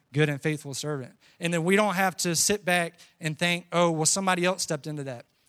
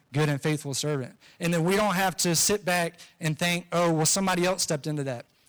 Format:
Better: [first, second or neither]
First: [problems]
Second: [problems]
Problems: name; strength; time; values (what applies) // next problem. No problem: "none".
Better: first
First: none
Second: distortion; heavy; 12% of the sound clipped